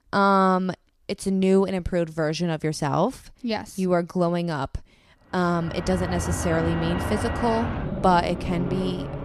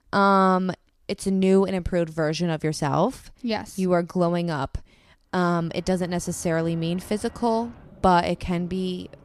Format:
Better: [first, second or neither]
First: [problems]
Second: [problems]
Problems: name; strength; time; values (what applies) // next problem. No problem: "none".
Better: second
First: traffic noise; loud; from 6 s on; 5 dB below the speech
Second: traffic noise; faint; from 6 s on; 25 dB below the speech